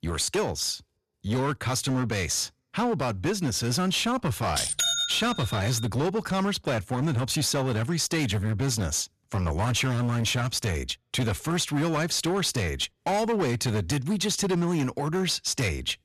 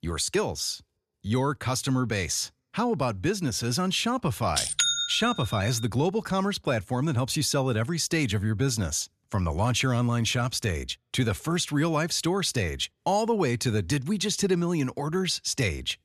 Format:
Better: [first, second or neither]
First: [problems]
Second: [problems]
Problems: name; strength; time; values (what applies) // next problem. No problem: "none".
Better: second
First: distortion; slight; 17% of the sound clipped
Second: none